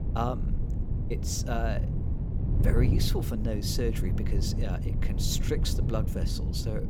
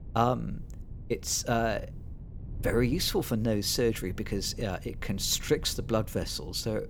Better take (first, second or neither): second